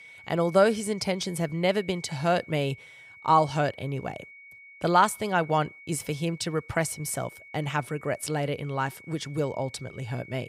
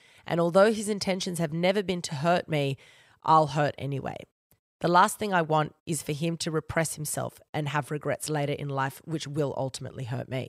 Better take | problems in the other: second | high-pitched whine; noticeable; throughout; 2 kHz, 20 dB below the speech

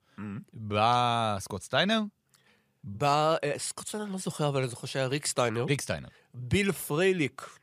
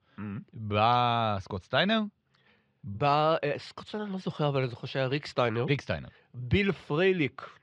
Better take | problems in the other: first | muffled; slightly; fading above 4 kHz

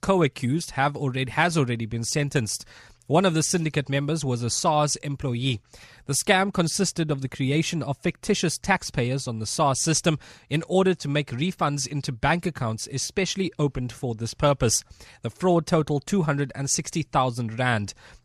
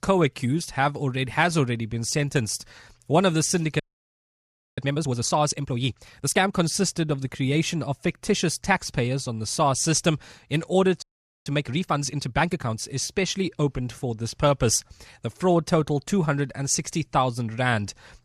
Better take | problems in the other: first | audio freezing; at 4 s for 1 s and at 11 s

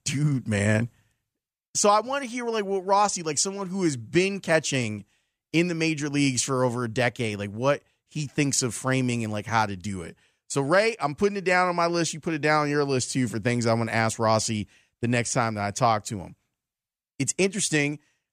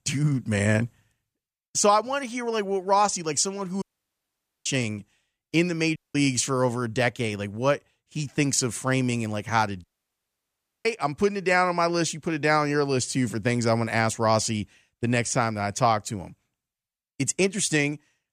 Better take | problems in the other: first | audio cutting out; at 4 s for 1 s, at 6 s and at 10 s for 1 s

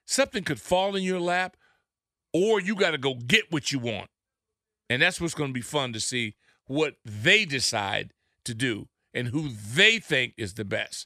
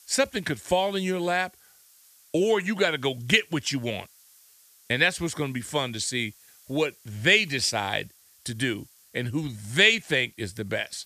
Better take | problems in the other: first | hiss; faint; throughout; 30 dB below the speech

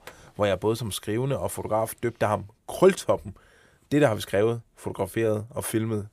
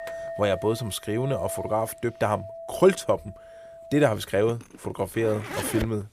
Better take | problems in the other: first | household noises; noticeable; throughout; 15 dB below the speech

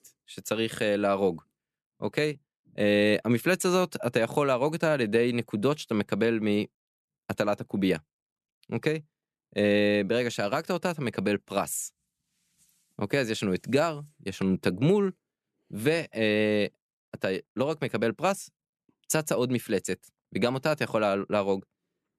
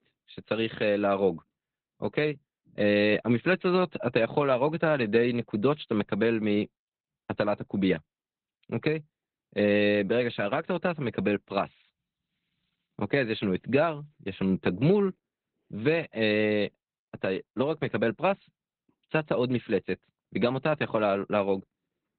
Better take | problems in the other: first | garbled, watery; badly; nothing above 4 kHz

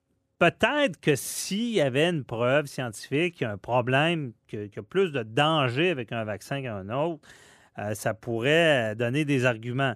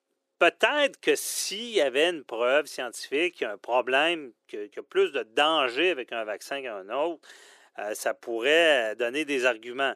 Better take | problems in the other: first | thin; somewhat; fading below 350 Hz

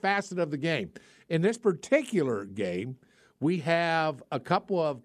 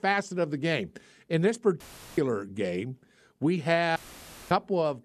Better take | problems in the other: first | audio cutting out; filled with static; at 2 s and at 4 s for 0.5 s

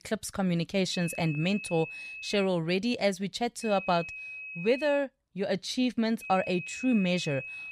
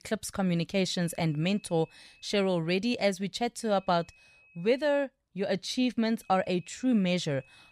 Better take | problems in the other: second | high-pitched whine; loud; from 1 to 2.5 s, from 3.5 to 5 s and from 6 s on; 2.5 kHz, 10 dB below the speech; faint in the second

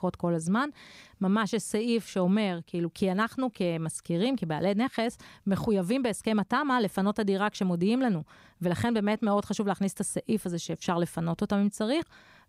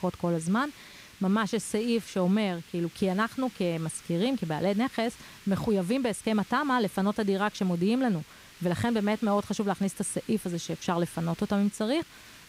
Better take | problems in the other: first | hiss; faint; throughout; 20 dB below the speech

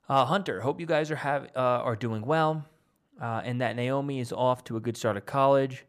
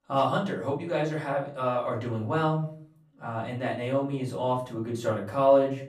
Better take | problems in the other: first | off-mic speech; far // room echo; slight; dies away in 0.4 s

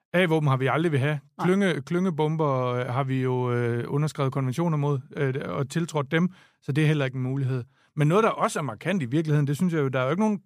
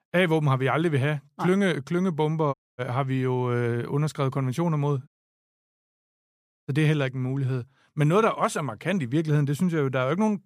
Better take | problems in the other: first | audio cutting out; at 2.5 s and at 5 s for 1.5 s

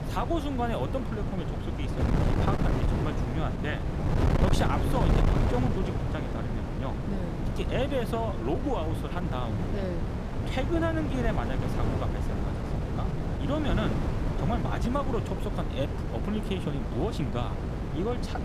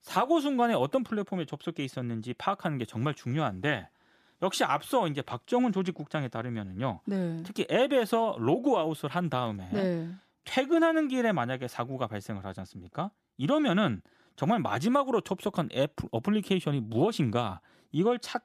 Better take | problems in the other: second | wind noise on the microphone; heavy; 2 dB below the speech

